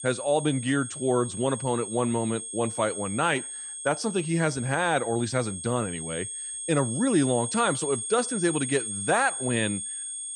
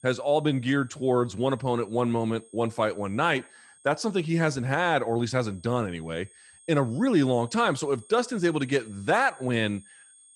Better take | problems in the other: second | high-pitched whine; loud; throughout; 8.5 kHz, 6 dB below the speech; faint in the second

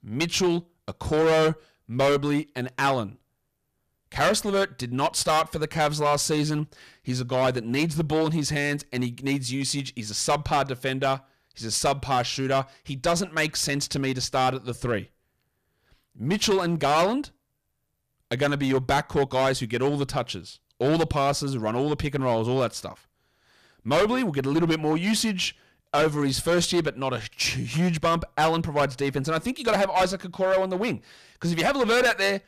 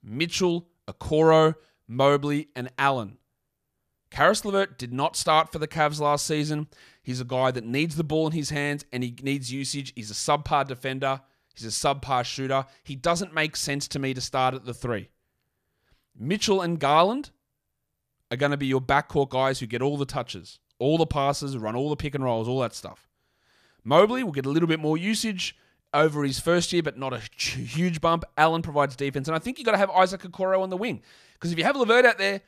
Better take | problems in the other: second | distortion; heavy; 8% of the sound clipped

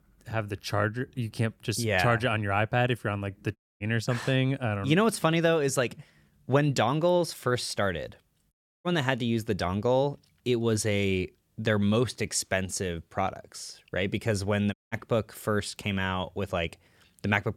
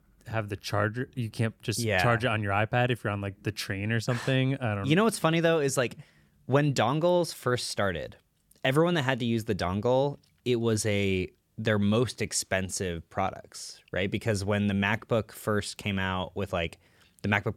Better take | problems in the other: second | audio cutting out; at 3.5 s, at 8.5 s and at 15 s

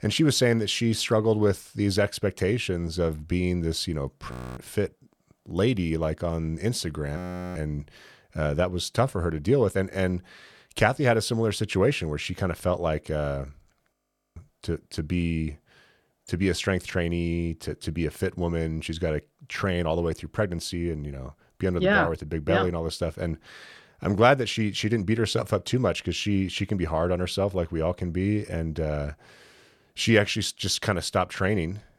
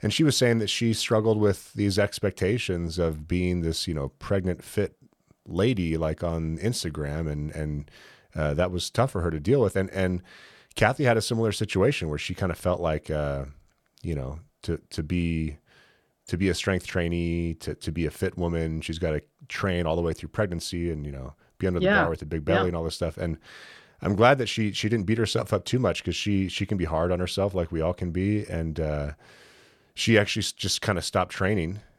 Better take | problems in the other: second | audio freezing; at 4.5 s, at 7 s and at 14 s

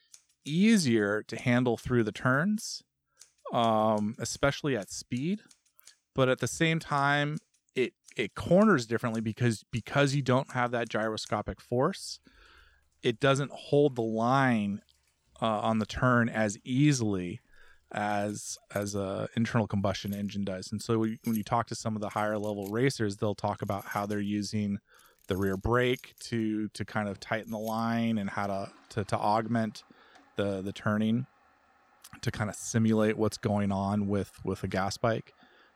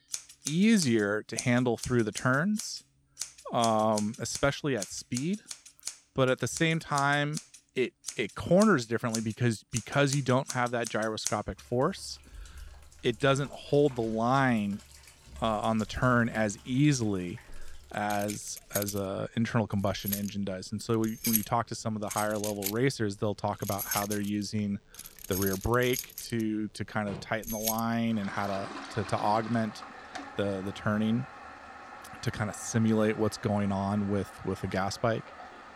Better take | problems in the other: first | household noises; loud; throughout; 10 dB below the speech; faint in the first

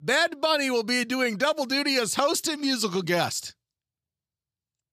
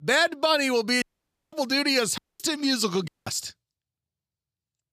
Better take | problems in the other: first | audio cutting out; at 1 s for 0.5 s, at 2 s and at 3 s

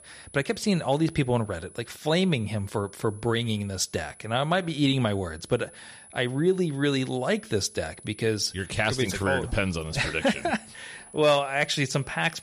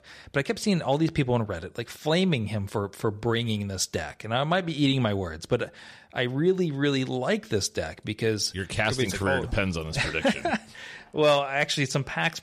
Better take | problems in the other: second | high-pitched whine; faint; throughout; 10 kHz, 20 dB below the speech

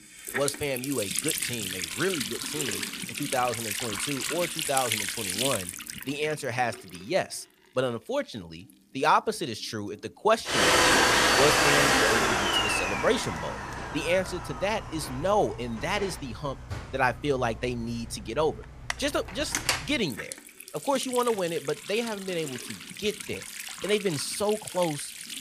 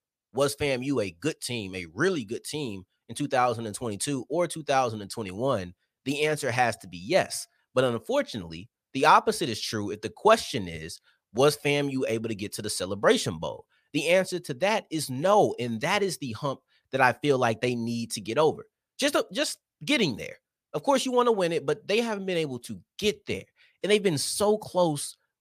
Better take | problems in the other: second | household noises; very loud; throughout; 2 dB above the speech

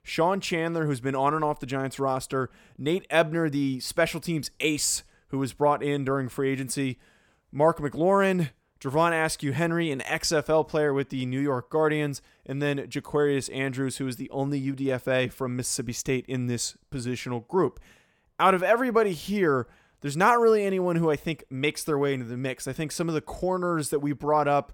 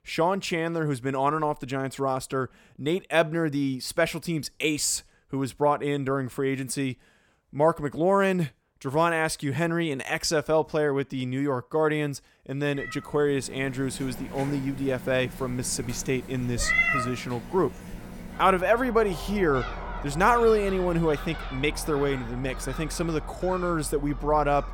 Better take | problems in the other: first | animal sounds; loud; from 13 s on; 8 dB below the speech

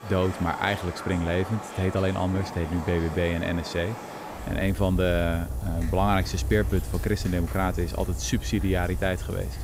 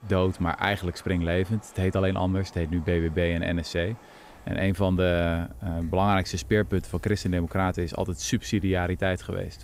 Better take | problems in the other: second | rain or running water; loud; throughout; 8 dB below the speech; faint in the second

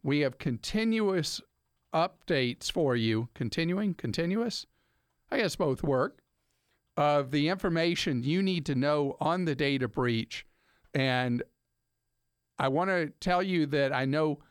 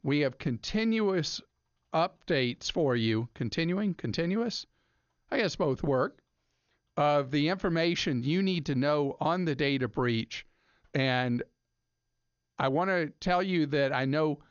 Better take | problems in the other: first | garbled, watery; slightly; nothing above 6.5 kHz

